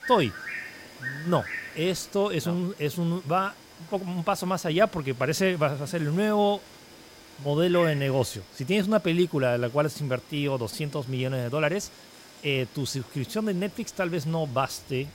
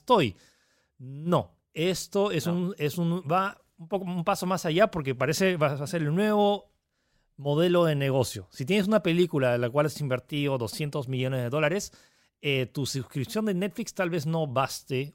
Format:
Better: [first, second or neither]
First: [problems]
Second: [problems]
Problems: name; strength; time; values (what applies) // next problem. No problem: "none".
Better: second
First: animal sounds; noticeable; throughout; 15 dB below the speech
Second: none